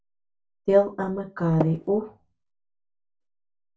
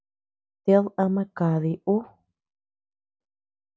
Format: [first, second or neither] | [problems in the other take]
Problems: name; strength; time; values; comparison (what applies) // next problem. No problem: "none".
second | background sound (Tap); 3 dB below the speech // room echo; dies away in 0.2 s